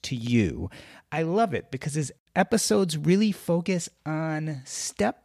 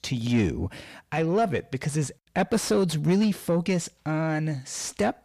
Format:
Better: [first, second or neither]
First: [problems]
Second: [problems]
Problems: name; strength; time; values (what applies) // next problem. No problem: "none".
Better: first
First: none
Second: distortion; slight; 10 dB below the speech